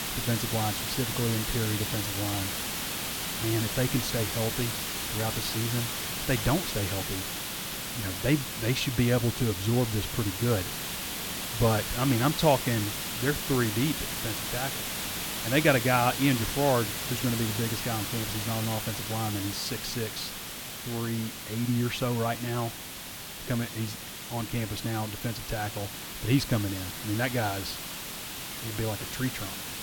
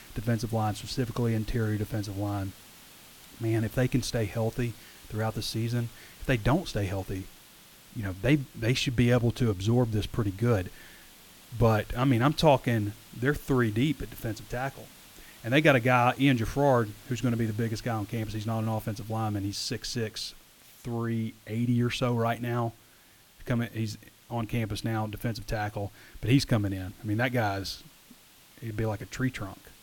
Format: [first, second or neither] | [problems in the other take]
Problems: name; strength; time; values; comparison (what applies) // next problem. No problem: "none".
second | hiss; loud; throughout; 3 dB below the speech; faint in the second